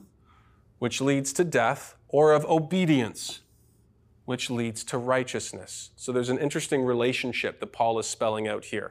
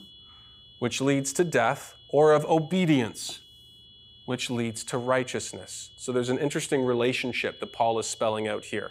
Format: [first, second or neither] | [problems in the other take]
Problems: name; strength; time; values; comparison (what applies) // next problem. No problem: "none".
first | high-pitched whine; faint; throughout; 3.5 kHz, 20 dB below the speech